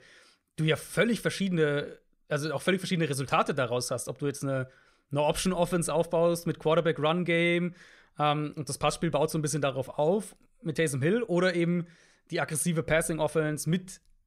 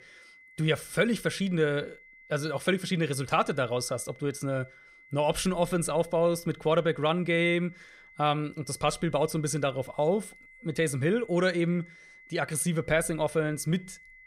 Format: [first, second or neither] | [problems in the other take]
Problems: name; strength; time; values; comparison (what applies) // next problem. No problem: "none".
first | high-pitched whine; faint; throughout; 2 kHz, 25 dB below the speech